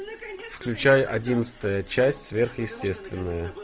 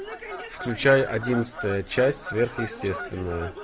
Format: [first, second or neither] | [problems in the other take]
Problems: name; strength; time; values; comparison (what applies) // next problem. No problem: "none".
first | background sound (Bird vocalization, bird call, bird song / Fowl); 12 dB below the speech